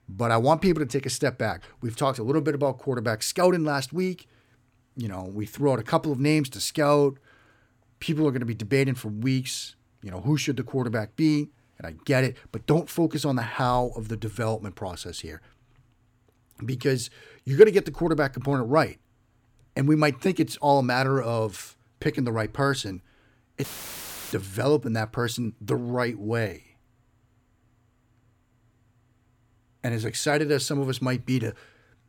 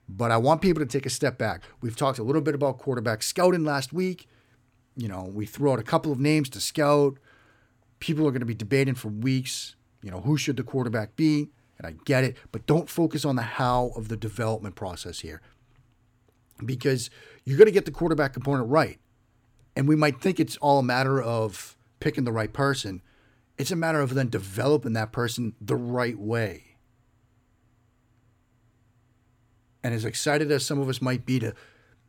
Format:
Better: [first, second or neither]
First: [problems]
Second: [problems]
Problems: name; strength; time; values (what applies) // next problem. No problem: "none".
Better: second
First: audio cutting out; filled with static; at 24 s for 0.5 s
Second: none